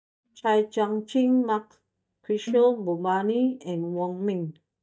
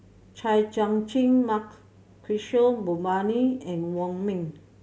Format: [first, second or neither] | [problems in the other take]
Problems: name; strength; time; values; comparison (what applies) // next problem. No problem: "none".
second | noise reduction (neural mask model DeepFilterNet 3)